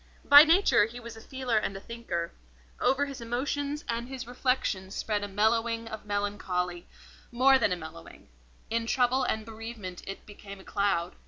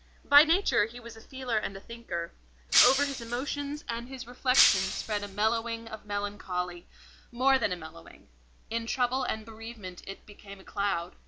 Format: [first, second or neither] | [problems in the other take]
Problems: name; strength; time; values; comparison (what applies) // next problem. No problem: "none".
first | background sound (Shatter); 2 dB above the speech